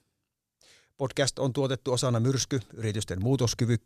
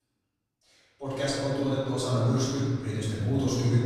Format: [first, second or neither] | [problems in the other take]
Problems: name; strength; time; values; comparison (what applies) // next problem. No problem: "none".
first | off-mic speech; far // room echo; strong; dies away in 2 s